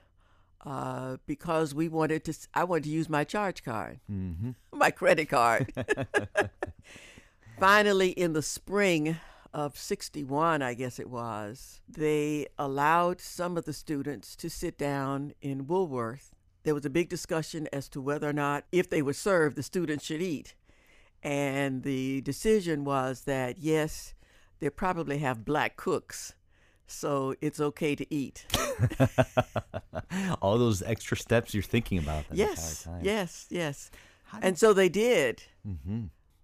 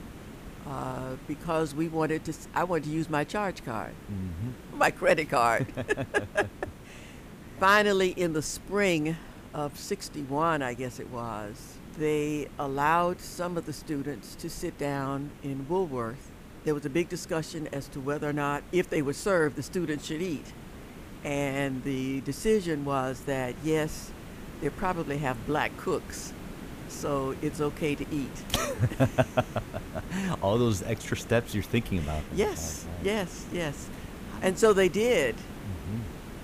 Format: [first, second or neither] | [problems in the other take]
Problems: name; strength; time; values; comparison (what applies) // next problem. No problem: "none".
first | hiss; noticeable; throughout; 15 dB below the speech